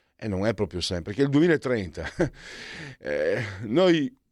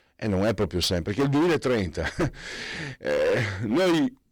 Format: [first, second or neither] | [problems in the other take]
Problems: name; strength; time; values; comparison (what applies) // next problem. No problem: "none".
first | distortion; heavy; 16% of the sound clipped